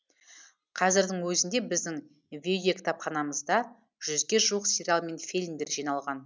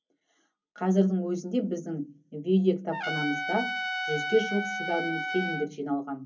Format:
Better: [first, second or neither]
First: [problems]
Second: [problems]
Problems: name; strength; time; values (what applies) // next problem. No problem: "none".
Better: first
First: none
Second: background sound (Trumpet); 4 dB below the speech // room echo; dies away in 0.3 s